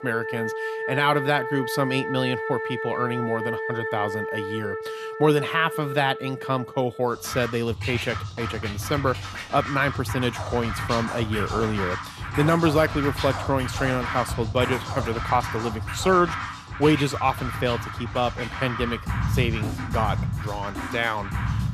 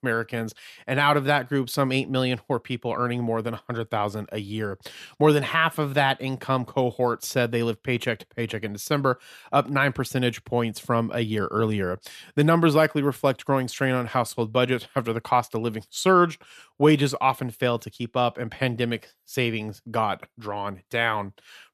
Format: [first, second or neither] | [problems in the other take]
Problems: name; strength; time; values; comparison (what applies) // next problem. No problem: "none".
second | background music; loud; throughout; 5 dB below the speech